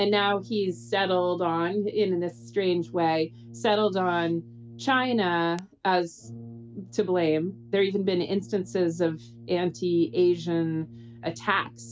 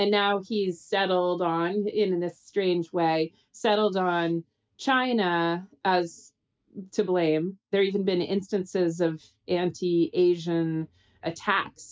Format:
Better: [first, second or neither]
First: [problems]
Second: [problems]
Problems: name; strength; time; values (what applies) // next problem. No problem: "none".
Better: second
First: background sound (Brass instrument); 19 dB below the speech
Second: none